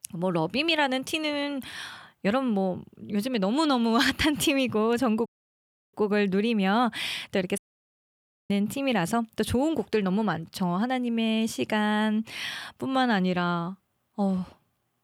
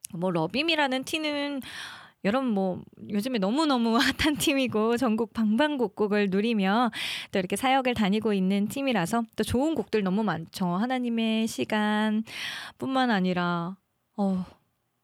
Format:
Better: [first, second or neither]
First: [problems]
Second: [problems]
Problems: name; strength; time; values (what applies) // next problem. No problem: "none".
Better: second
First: audio cutting out; at 5.5 s for 0.5 s and at 7.5 s for 1 s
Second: none